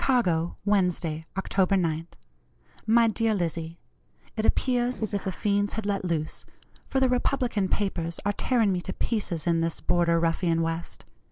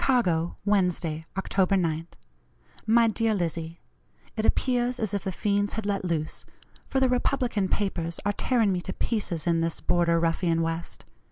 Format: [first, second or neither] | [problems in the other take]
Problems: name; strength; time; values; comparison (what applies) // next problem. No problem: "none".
second | noise reduction (neural separator model SepFormer DNS4)